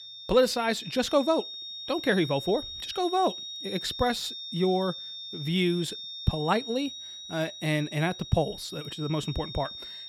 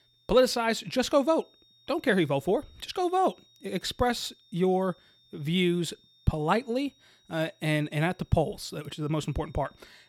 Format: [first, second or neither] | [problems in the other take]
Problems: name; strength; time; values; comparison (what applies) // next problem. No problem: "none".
second | high-pitched whine; loud; throughout; 3.5 kHz, 9 dB below the speech; faint in the second